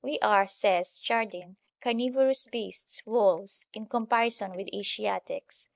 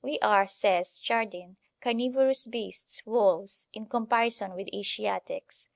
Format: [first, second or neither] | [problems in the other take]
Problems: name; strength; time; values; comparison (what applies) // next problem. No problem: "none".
second | noise reduction (neural mask model Resemble Enhance denoiser)